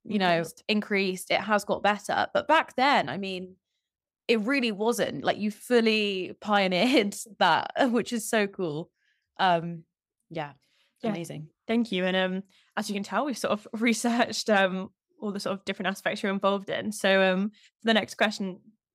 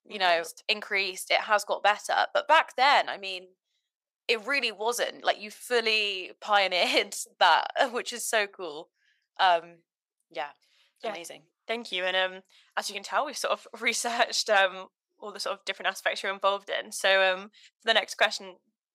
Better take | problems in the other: first | thin; very; fading below 700 Hz

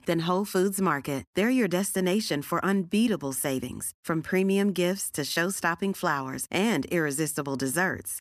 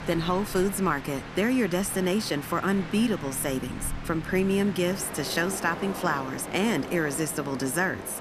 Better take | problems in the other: first | train or aircraft noise; noticeable; throughout; 10 dB below the speech

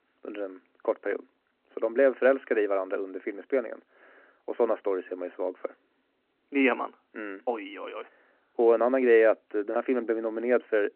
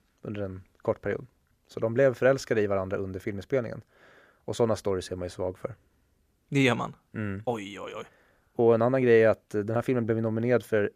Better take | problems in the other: second | phone-call audio

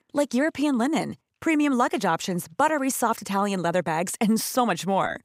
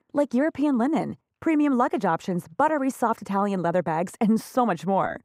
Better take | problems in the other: first | muffled; slightly; fading above 2 kHz

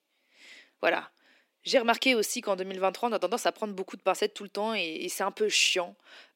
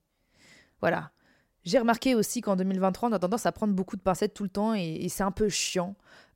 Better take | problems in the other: second | thin; somewhat; fading below 250 Hz

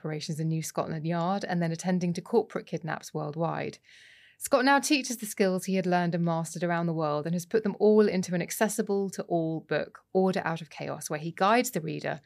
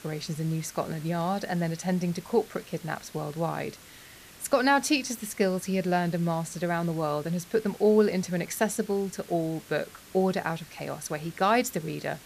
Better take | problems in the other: first | hiss; noticeable; throughout; 20 dB below the speech

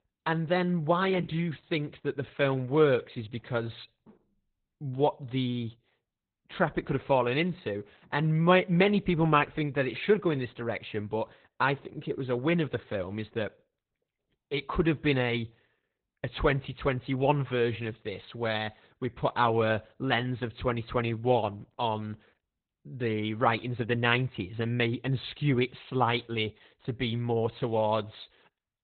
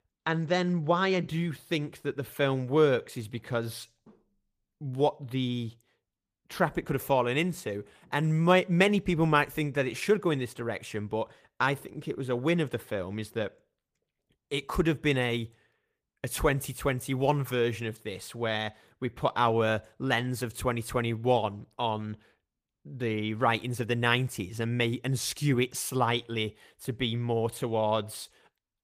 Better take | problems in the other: second | garbled, watery; badly; nothing above 4 kHz; slightly in the second

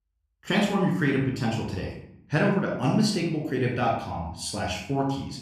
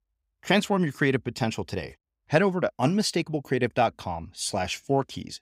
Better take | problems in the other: second | off-mic speech; somewhat distant // room echo; noticeable; dies away in 0.6 s

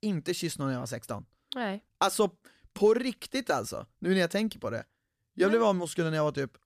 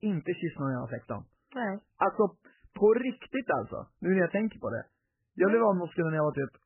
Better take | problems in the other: first | garbled, watery; badly; nothing above 3 kHz

